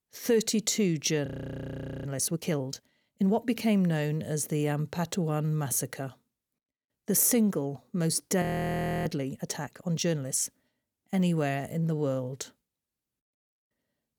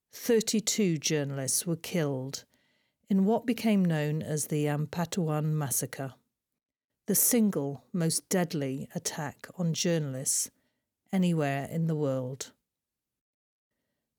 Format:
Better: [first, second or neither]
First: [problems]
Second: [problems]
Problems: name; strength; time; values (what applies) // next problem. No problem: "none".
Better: second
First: audio freezing; at 1.5 s for 1 s and at 8.5 s for 0.5 s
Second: none